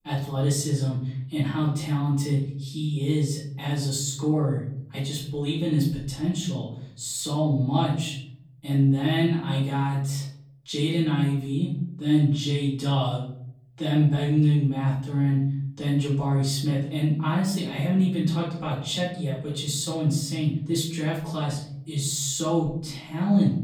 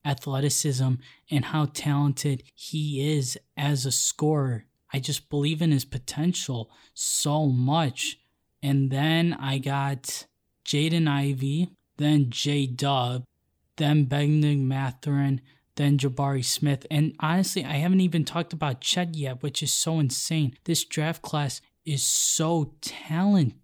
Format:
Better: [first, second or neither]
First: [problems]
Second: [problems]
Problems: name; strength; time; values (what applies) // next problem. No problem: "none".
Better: second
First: off-mic speech; far // room echo; noticeable; dies away in 0.7 s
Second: none